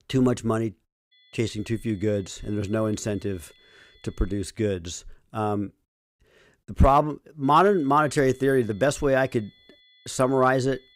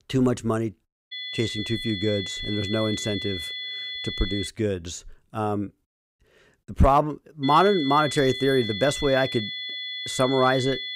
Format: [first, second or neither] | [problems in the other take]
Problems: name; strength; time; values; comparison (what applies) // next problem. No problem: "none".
first | high-pitched whine; loud; from 1 to 4.5 s and from 7.5 s on; 3.5 kHz, 6 dB below the speech; faint in the first